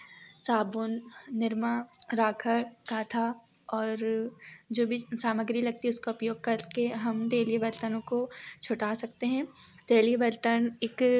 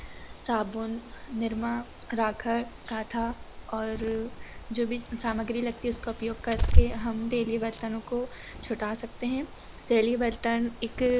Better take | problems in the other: first | background sound (Bird); 1 dB below the speech

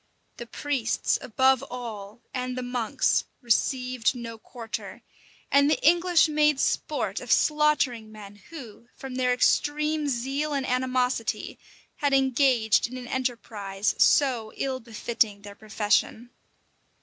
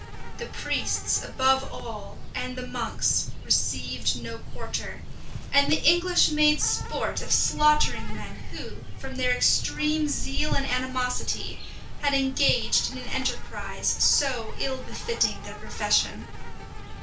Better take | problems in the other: first | background sound (Insect); 2 dB below the speech // room echo; dies away in 0.3 s

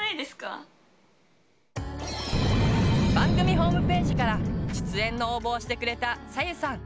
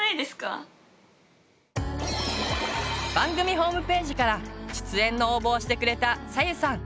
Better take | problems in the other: second | background sound (Boom); 3 dB above the speech

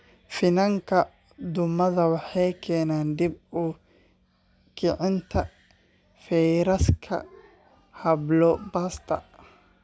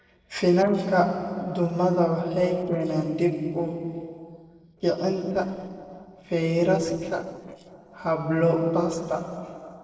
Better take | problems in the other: first | noise reduction (neural separator model SepFormer DNS4)

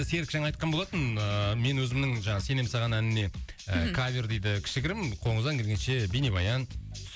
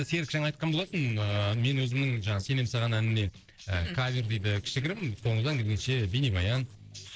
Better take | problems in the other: first | noise reduction (neural separator model SepFormer DNS4)

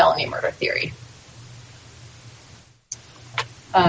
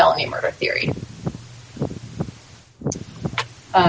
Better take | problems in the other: first | background sound (Wind); 7 dB below the speech

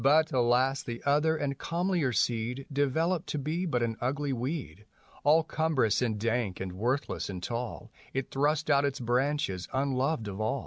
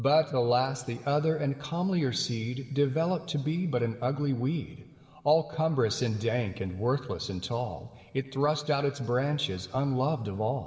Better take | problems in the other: first | room echo; dies away in 2 s

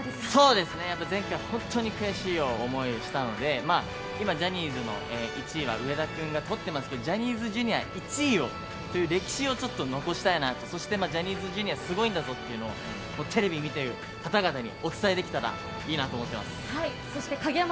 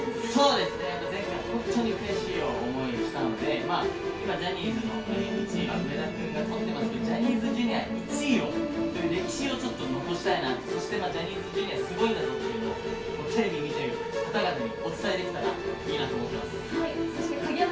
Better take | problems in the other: first | background sound (Musical instrument); 1 dB below the speech // room echo; dies away in 0.2 s

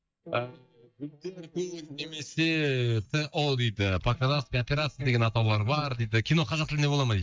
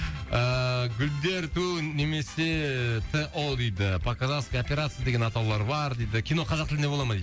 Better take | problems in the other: second | noise reduction (neural mask model DeepFilterNet 3)

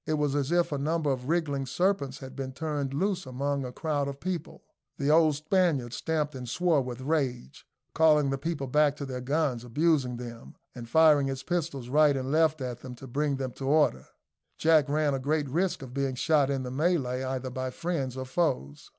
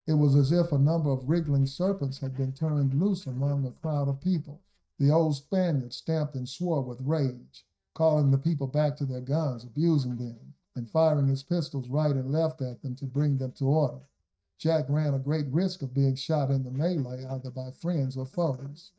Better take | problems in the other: first | noise reduction (neural mask model DeepFilterNet 3)

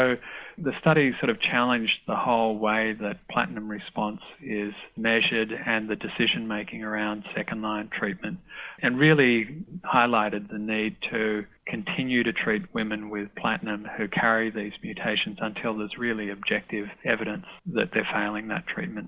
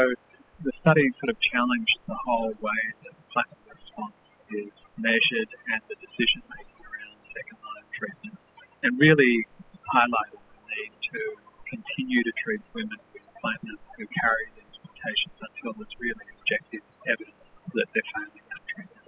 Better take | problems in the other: first | noise reduction (classical method spectral subtraction)

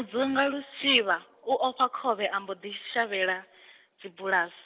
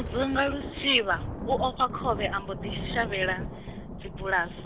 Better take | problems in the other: first | background sound (Thunder); 7 dB below the speech

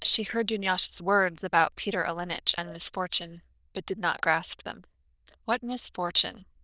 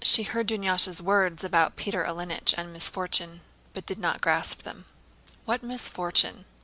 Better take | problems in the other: second | noise reduction (neural diffusion model UNIVERSE++)

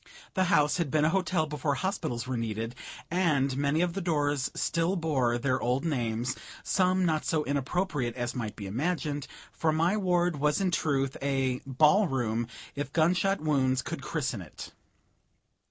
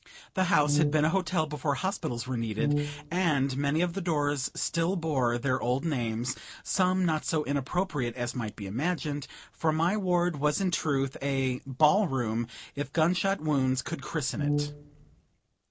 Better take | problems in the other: first | background sound (Brass instrument); 3 dB below the speech

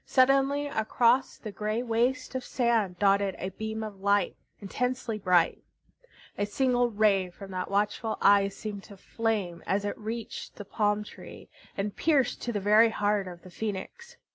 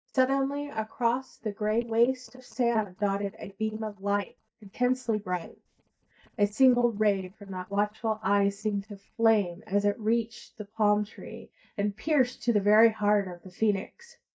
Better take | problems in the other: first | noise reduction (neural mask model DeepFilterNet 3)

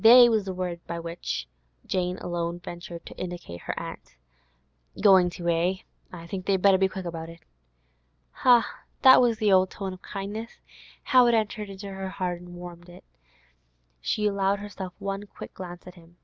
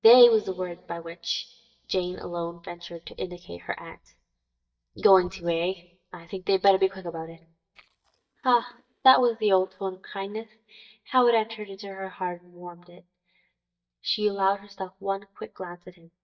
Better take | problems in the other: first | noise reduction (neural mask model DeepFilterNet 3)

